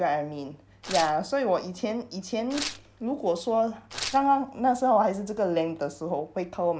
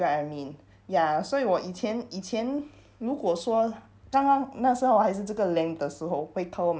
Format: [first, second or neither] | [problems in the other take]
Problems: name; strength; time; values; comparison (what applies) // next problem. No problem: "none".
second | background sound (Tearing); 12 dB below the speech